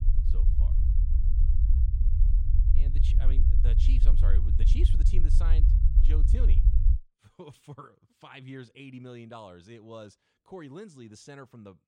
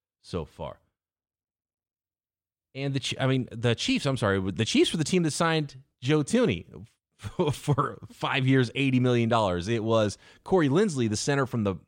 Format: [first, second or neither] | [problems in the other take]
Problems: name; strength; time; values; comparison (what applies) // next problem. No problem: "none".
second | low rumble; loud; until 7 s; 1 dB below the speech